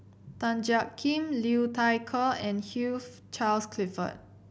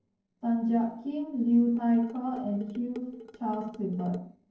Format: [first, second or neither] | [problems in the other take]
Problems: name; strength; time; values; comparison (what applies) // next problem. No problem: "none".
first | noise reduction (neural separator model SepFormer DNS4)